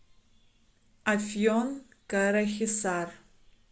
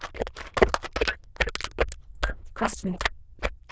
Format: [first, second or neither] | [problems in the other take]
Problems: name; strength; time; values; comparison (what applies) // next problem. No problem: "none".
first | noise reduction (neural diffusion model UNIVERSE++)